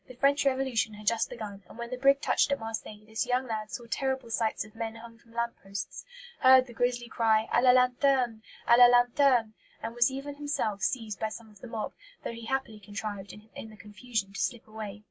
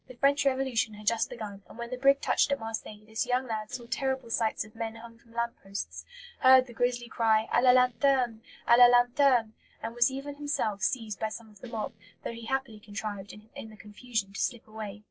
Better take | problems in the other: first | noise reduction (neural separator model SepFormer DNS4)

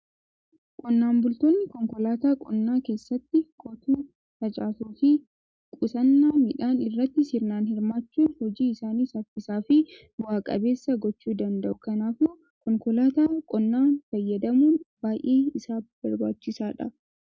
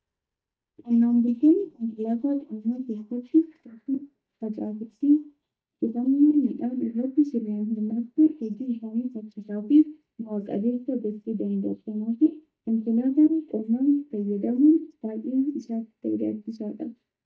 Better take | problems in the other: first | noise reduction (neural mask model DeepFilterNet 3)

